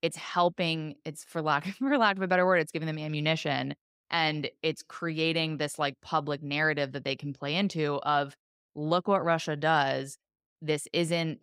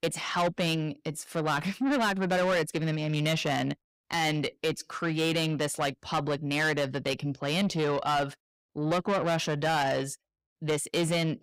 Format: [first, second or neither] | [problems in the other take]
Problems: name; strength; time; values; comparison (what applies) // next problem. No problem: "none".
first | distortion; heavy; 7 dB below the speech